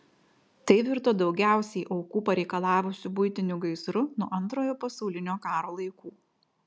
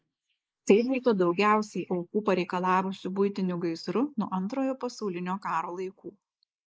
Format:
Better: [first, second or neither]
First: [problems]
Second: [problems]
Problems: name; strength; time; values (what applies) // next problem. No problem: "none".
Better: first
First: none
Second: noise reduction (neural mask model Resemble Enhance denoiser)